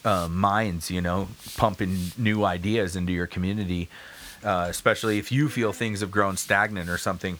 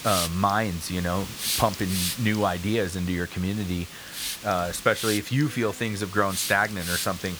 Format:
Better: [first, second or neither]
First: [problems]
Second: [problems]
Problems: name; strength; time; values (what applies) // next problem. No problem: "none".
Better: first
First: hiss; faint; throughout; 20 dB below the speech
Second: hiss; loud; throughout; 6 dB below the speech